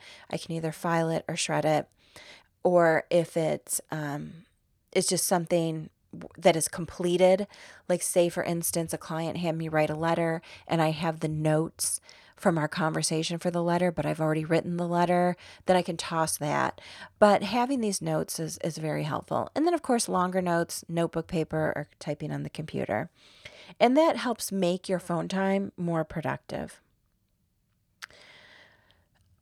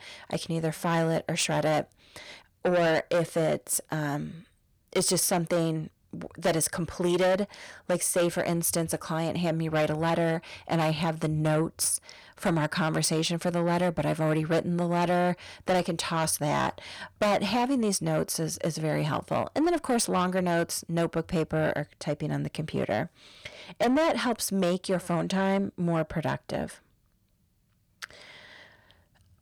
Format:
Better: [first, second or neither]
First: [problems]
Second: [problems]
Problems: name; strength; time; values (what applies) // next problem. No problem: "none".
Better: first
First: none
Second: distortion; heavy; 8 dB below the speech